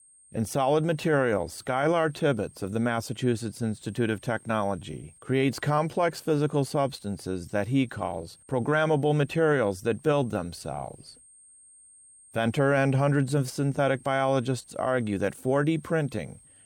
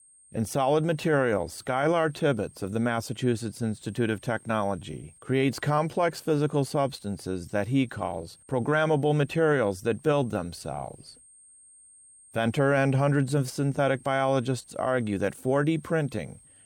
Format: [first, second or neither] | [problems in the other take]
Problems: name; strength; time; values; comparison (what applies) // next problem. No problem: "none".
neither | high-pitched whine; faint; throughout; 8.5 kHz, 25 dB below the speech; the same in both